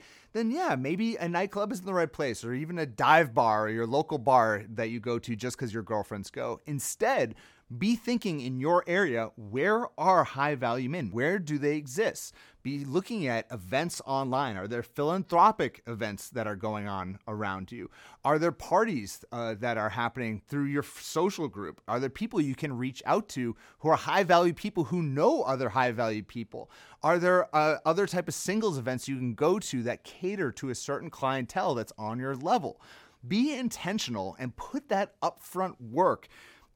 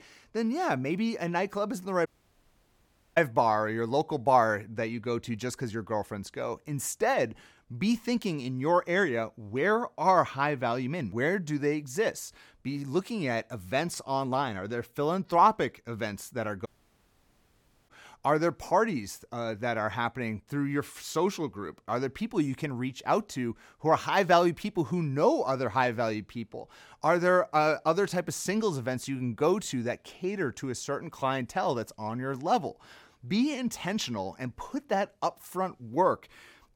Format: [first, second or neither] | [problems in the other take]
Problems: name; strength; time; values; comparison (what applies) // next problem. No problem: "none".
first | audio cutting out; at 2 s for 1 s and at 17 s for 1 s